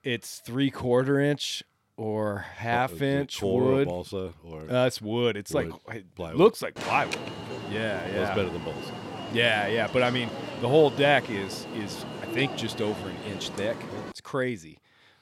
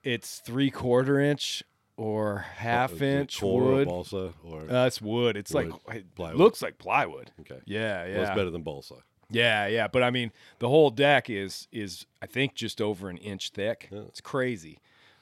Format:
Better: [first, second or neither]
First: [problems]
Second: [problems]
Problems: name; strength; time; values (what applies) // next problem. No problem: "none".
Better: second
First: alarm; noticeable; from 7 to 14 s; peak 6 dB below the speech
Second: none